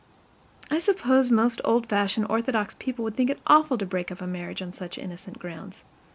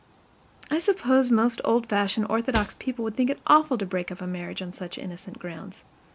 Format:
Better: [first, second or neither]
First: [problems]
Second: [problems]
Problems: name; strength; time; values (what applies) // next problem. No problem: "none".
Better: first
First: none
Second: background sound (Cupboard open or close / Drawer open or close); 10 dB below the speech